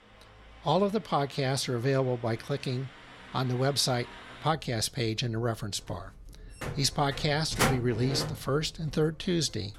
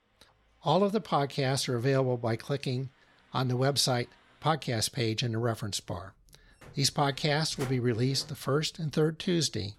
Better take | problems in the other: second | traffic noise; loud; throughout; 8 dB below the speech; faint in the second

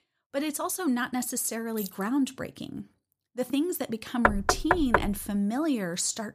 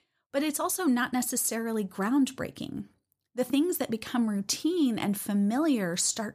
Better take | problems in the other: second | jangling keys; faint; at 2 s; peak 10 dB below the speech // door banging; loud; at 4.5 s; peak 4 dB above the speech

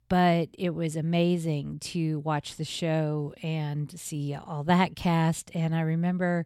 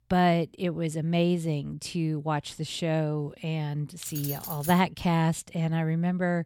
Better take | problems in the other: first | jangling keys; noticeable; at 4 s; peak 6 dB below the speech

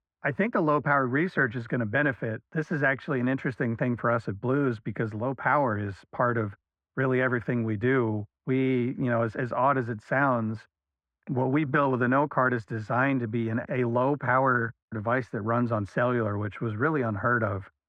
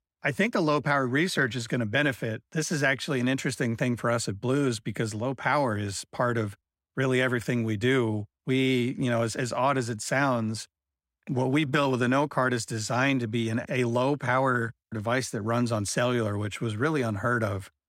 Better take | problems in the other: second | muffled; very; fading above 3.5 kHz

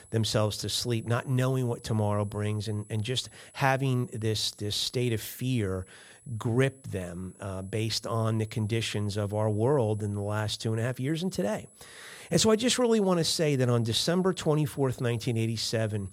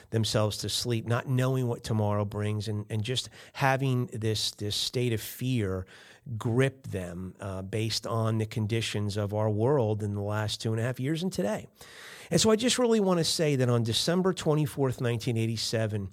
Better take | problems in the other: second | high-pitched whine; faint; throughout; 10 kHz, 25 dB below the speech

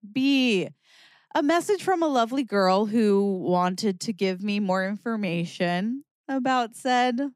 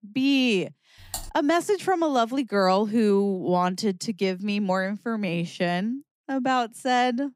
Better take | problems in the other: first | keyboard typing; faint; at 1 s; peak 10 dB below the speech

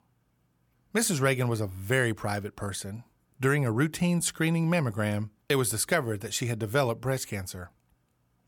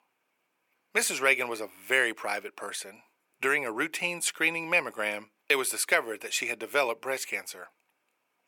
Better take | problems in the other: first | thin; very; fading below 400 Hz

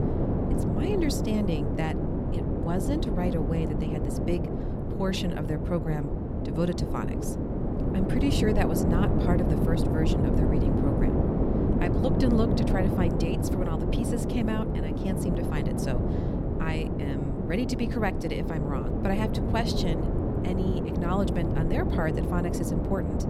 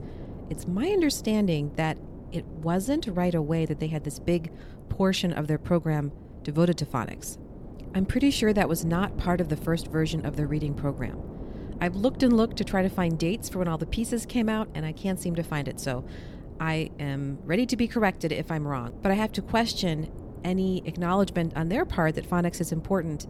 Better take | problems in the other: second | wind noise on the microphone; heavy; as loud as the speech; occasional gusts in the second

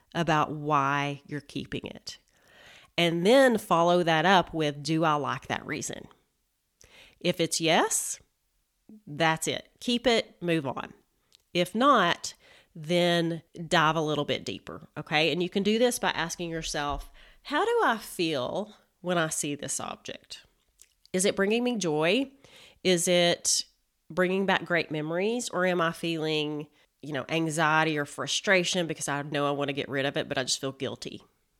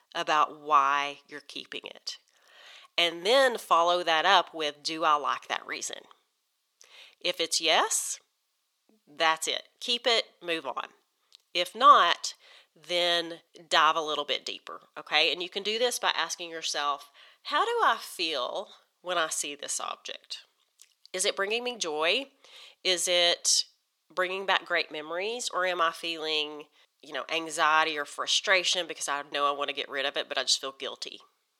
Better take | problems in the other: first | thin; very; fading below 550 Hz

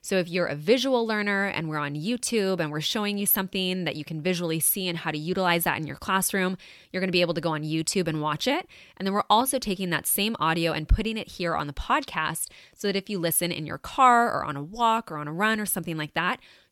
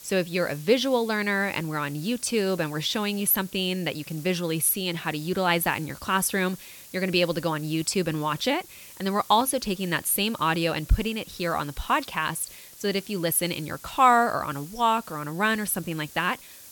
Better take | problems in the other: first | hiss; noticeable; throughout; 20 dB below the speech

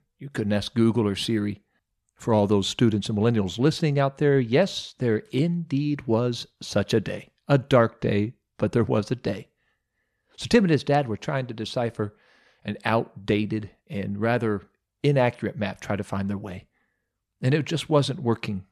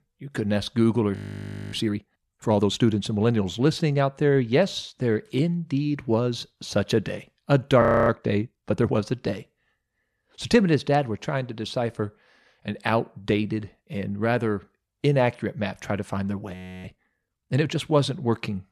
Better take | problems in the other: first | audio freezing; at 1 s for 0.5 s, at 8 s and at 17 s

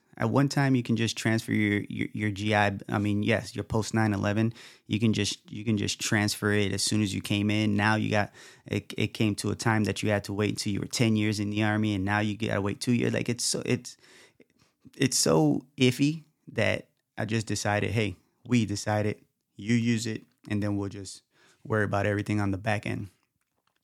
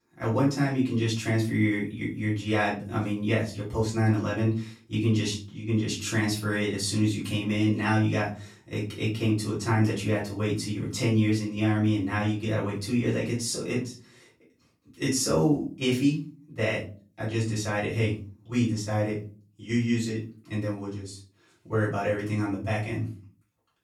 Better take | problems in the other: first | off-mic speech; far // room echo; slight; dies away in 0.3 s

